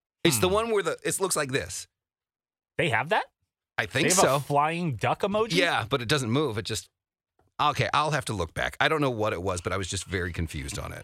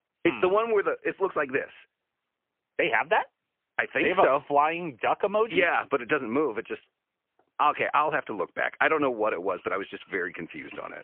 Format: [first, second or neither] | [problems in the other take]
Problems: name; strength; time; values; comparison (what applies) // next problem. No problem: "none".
first | phone-call audio; poor line